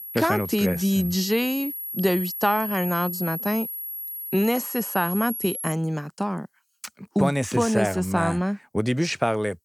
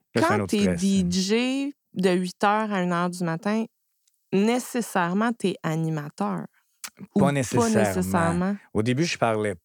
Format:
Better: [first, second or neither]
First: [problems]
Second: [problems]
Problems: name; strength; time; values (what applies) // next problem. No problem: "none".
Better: second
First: high-pitched whine; loud; until 5.5 s; 11.5 kHz, 6 dB below the speech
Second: none